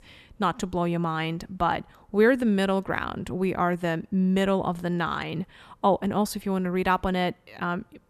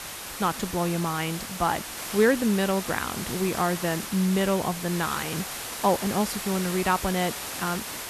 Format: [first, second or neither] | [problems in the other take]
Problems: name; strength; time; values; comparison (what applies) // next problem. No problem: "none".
first | hiss; loud; throughout; 6 dB below the speech